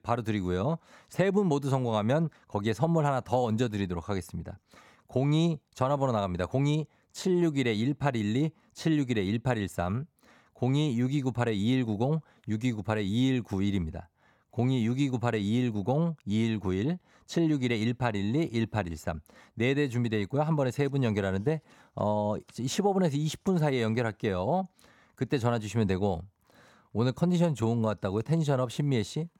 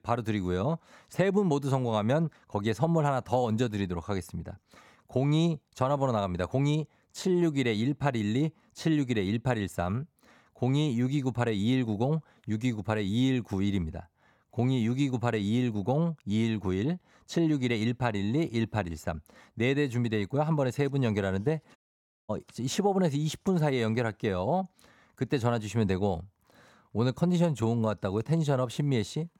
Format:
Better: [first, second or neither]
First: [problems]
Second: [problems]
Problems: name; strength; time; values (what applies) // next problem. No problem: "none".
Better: first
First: none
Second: audio cutting out; at 22 s for 0.5 s